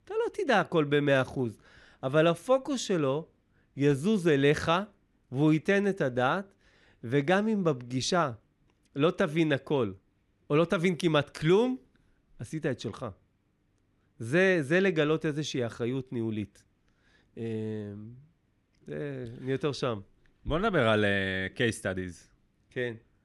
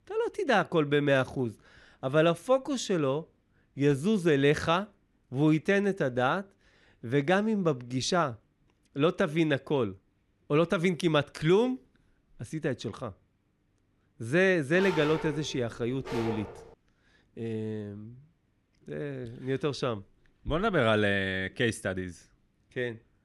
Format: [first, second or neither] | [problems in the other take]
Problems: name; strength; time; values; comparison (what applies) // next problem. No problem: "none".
first | dog barking; noticeable; from 15 to 17 s; peak 7 dB below the speech